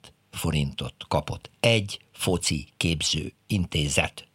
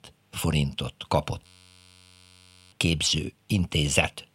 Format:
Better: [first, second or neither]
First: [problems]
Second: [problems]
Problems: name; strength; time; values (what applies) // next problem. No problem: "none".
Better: first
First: none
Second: audio freezing; at 1.5 s for 1.5 s